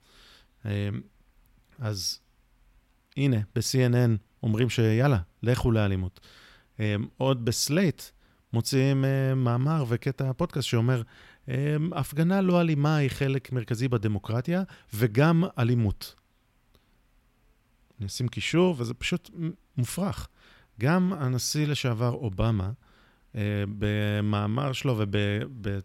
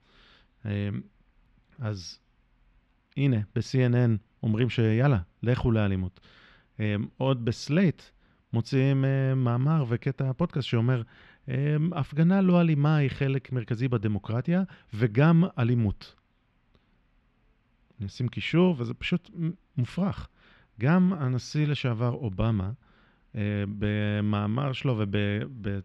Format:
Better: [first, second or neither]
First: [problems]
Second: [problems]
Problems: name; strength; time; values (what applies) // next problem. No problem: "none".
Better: first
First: none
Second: muffled; slightly; fading above 3 kHz